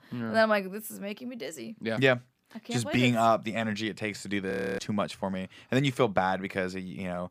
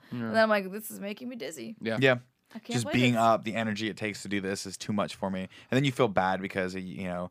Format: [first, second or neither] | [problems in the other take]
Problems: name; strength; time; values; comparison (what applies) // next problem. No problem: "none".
second | audio freezing; at 4.5 s